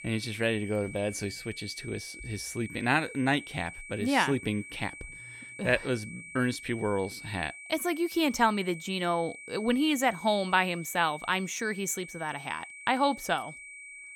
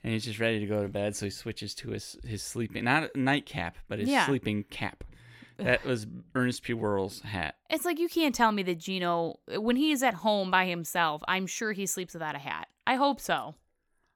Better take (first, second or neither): second